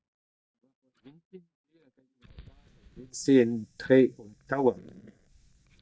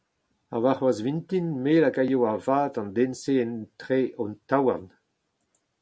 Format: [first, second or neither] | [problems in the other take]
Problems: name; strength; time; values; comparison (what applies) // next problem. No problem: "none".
second | noise reduction (neural mask model DeepFilterNet 3)